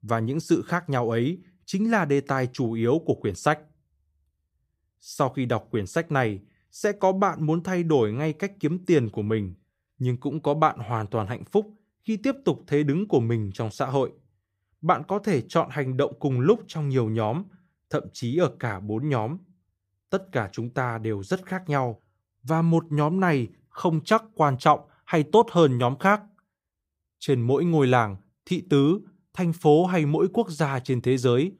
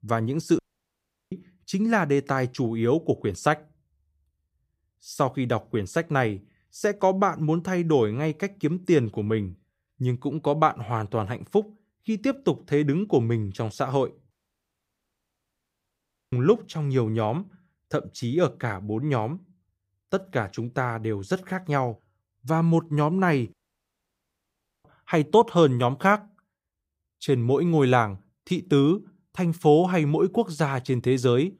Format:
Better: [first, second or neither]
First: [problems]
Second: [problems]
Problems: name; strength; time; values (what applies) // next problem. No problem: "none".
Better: first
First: none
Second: audio cutting out; at 0.5 s for 0.5 s, at 14 s for 2 s and at 24 s for 1.5 s